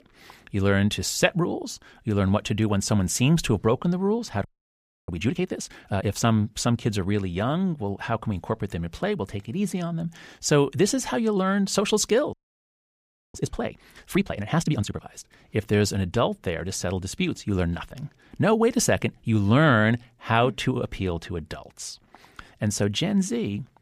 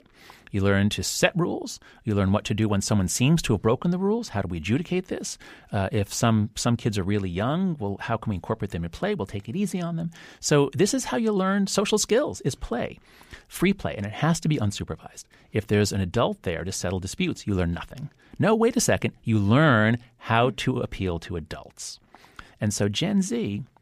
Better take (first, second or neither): second